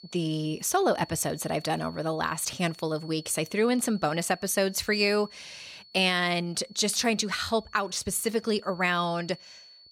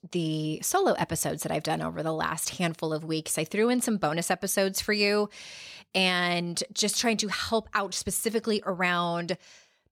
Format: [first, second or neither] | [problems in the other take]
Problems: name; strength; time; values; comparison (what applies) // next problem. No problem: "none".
second | high-pitched whine; faint; throughout; 4.5 kHz, 20 dB below the speech